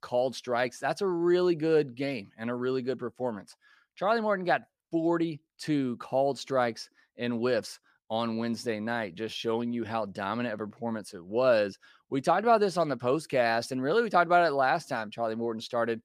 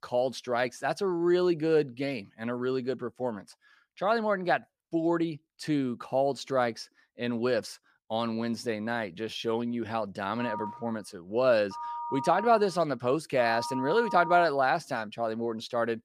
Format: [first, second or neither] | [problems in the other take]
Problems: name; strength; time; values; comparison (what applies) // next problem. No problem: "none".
first | phone ringing; noticeable; from 10 to 14 s; peak 6 dB below the speech